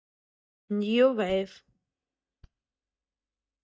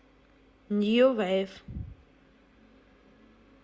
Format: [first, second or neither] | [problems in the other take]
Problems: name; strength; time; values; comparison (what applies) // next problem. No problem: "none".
second | noise reduction (neural mask model DeepFilterNet 3)